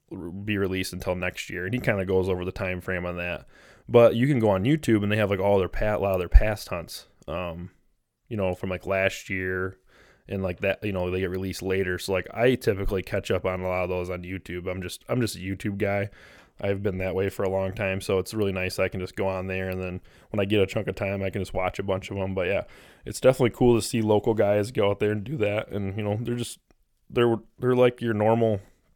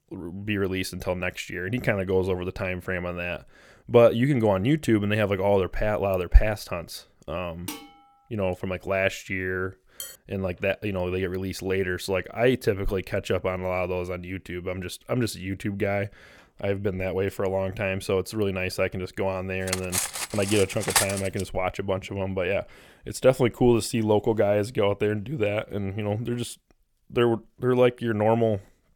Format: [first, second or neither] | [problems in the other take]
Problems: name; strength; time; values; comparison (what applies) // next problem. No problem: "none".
first | clattering dishes; faint; at 7.5 s and at 10 s; peak 10 dB below the speech // clattering dishes; loud; from 20 to 21 s; peak 3 dB above the speech